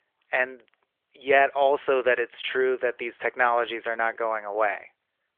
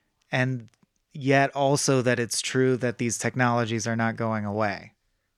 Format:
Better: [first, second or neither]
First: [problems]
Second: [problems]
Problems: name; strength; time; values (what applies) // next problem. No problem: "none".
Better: second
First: phone-call audio; nothing above 3.5 kHz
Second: none